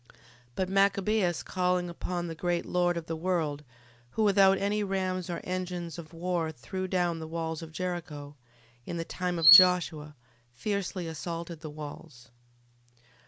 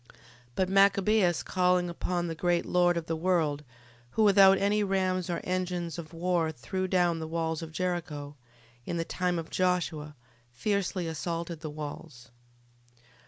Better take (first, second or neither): second